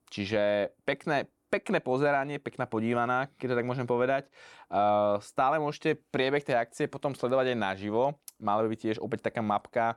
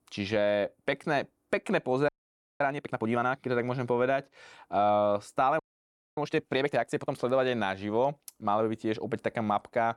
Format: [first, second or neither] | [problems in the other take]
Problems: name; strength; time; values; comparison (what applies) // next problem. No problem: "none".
first | audio freezing; at 2 s for 0.5 s and at 5.5 s for 0.5 s